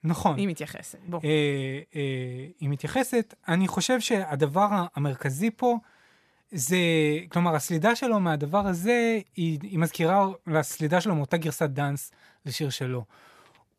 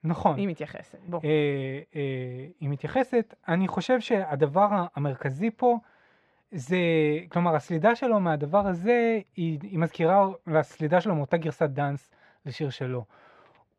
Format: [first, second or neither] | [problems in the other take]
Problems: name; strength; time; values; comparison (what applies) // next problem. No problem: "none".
first | muffled; very; fading above 3 kHz